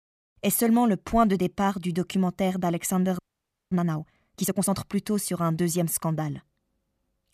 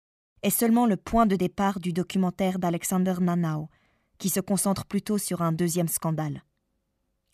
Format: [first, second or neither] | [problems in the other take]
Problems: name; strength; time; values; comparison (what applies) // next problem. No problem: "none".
second | audio freezing; at 3 s for 0.5 s